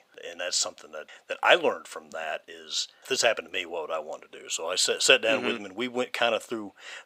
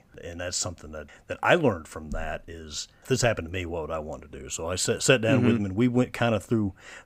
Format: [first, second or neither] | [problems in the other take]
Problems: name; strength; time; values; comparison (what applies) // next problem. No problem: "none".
second | thin; somewhat; fading below 550 Hz